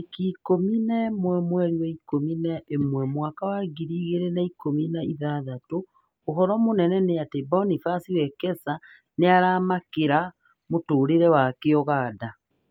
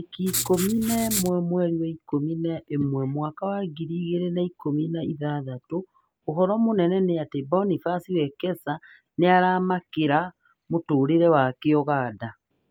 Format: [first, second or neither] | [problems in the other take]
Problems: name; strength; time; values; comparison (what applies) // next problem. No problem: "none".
first | background sound (Writing); 6 dB below the speech